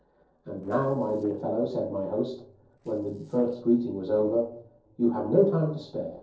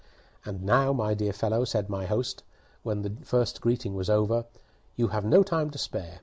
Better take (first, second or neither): second